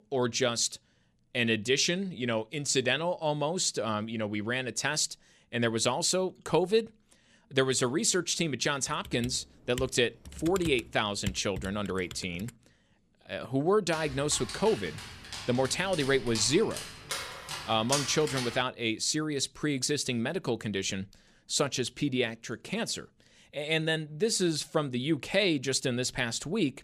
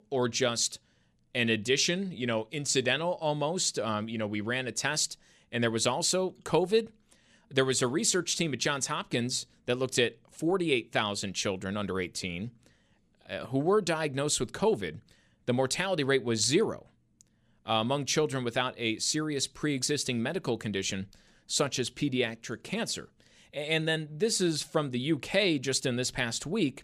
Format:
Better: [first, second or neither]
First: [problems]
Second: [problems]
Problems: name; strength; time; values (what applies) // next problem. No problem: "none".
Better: second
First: keyboard typing; noticeable; from 9 to 13 s; peak 10 dB below the speech // dog barking; noticeable; from 14 to 19 s; peak 2 dB below the speech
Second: none